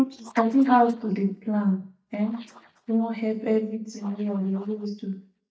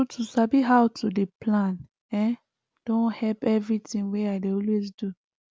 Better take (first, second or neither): second